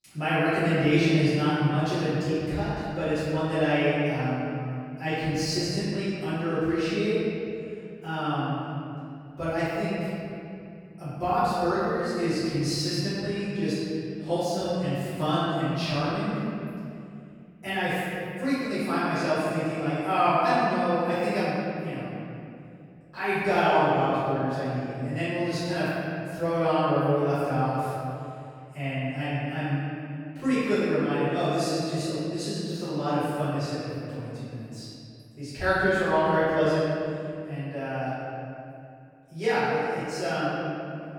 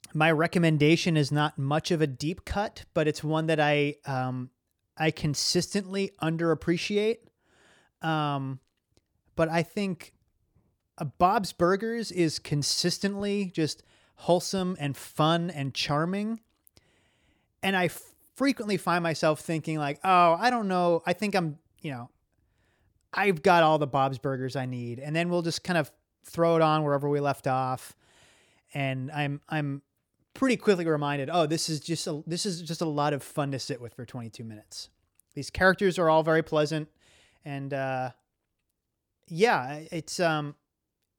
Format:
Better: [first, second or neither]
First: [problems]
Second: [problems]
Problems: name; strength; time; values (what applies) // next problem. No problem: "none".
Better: second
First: off-mic speech; far // room echo; strong; dies away in 2.5 s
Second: none